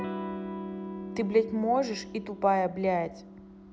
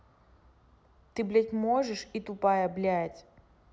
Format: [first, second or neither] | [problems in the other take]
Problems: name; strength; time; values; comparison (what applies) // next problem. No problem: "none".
second | background sound (Electric guitar / Strum); 9 dB below the speech